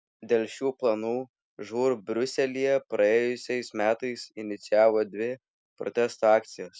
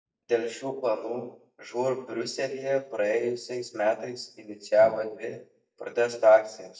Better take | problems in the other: first | noise reduction (neural mask model DeepFilterNet 3)

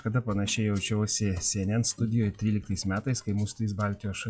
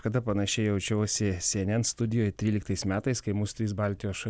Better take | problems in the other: second | noise reduction (classical method WPE with log-MMSE)

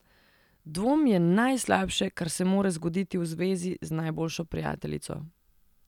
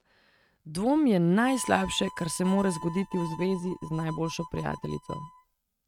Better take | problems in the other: first | noise reduction (neural mask model RNNoise)

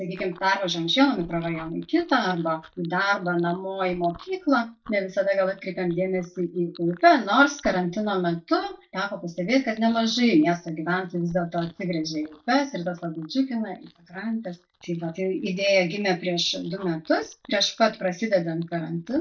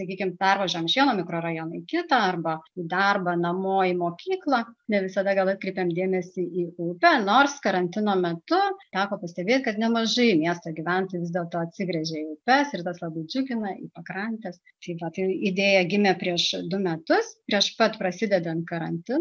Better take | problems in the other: second | noise reduction (neural mask model DeepFilterNet 3)

